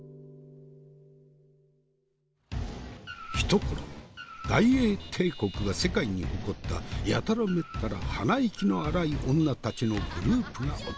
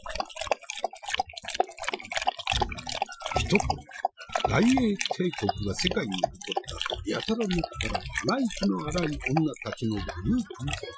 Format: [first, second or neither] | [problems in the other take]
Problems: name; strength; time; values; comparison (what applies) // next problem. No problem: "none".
first | noise reduction (classical method Wiener filter)